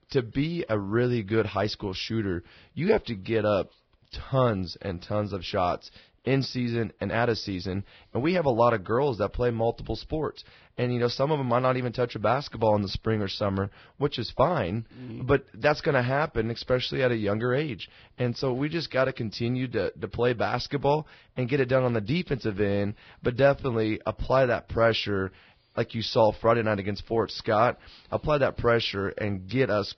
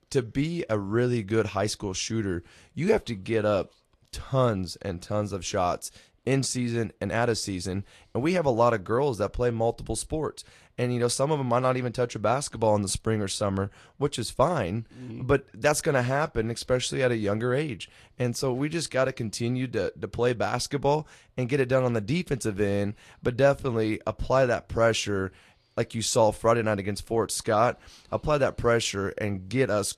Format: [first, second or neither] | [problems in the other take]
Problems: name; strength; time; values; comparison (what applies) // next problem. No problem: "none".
second | garbled, watery; badly; nothing above 5.5 kHz; slightly in the second